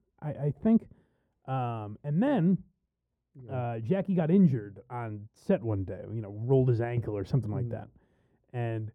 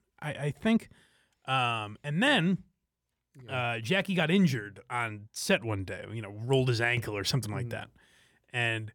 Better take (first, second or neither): second